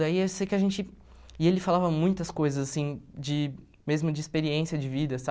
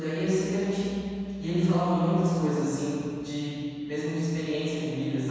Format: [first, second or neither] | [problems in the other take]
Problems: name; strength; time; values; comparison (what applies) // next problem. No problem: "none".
first | room echo; dies away in 2.1 s